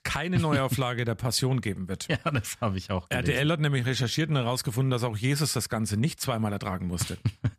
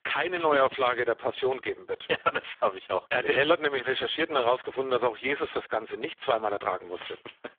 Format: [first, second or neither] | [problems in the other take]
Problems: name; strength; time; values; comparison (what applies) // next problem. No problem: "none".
first | phone-call audio; poor line; nothing above 3.5 kHz